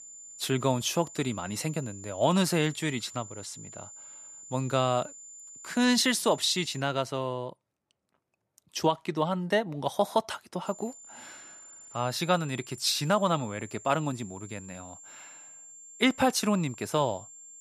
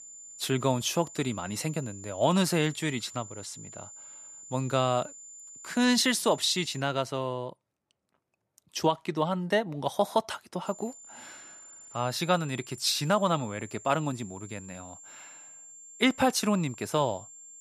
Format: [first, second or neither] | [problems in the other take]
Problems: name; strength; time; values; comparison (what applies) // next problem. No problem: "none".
neither | high-pitched whine; noticeable; until 7 s and from 11 s on; 7 kHz, 15 dB below the speech; the same in both